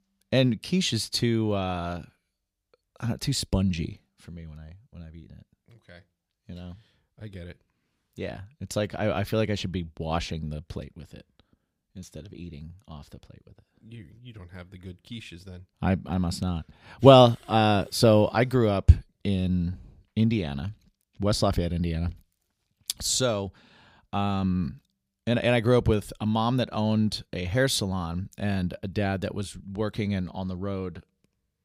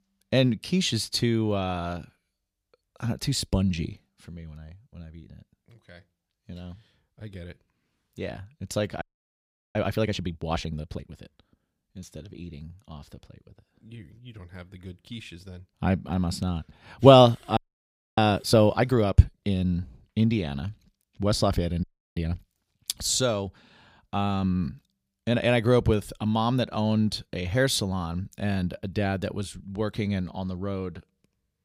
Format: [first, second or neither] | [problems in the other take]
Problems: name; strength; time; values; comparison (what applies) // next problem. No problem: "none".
first | audio freezing; at 9 s for 0.5 s, at 18 s for 0.5 s and at 22 s